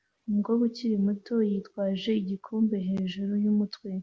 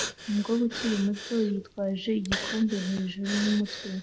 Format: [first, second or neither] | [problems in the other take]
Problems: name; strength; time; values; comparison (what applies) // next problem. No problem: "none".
first | background sound (Breathing); 9 dB below the speech